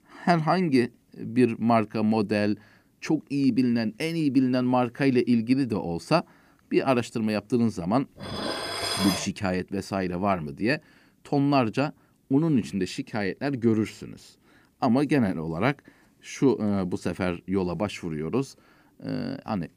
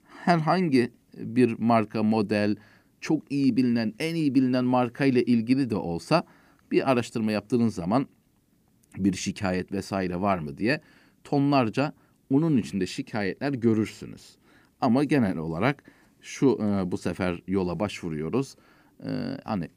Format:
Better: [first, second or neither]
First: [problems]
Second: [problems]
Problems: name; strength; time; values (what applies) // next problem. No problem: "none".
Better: second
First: clattering dishes; noticeable; from 8 to 9.5 s; peak 1 dB below the speech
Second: none